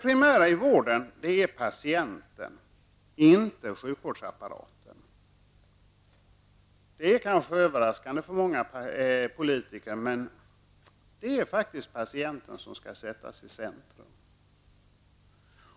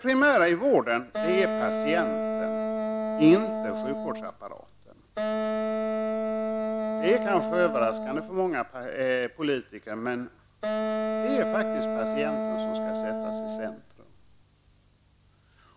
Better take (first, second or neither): first